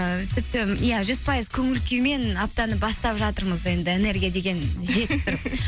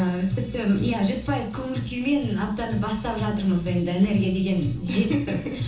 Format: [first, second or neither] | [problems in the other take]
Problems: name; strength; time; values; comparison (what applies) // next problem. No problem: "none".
first | room echo; dies away in 1.2 s